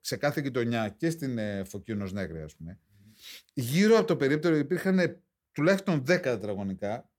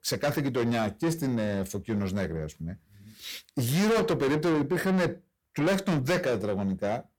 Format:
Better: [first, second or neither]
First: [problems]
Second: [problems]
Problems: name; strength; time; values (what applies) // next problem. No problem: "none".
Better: first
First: none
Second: distortion; heavy; 7 dB below the speech